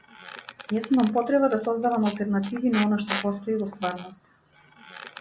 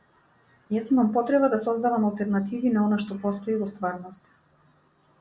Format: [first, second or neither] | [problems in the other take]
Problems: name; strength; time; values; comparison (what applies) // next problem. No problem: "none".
second | background sound (Squeak); 14 dB below the speech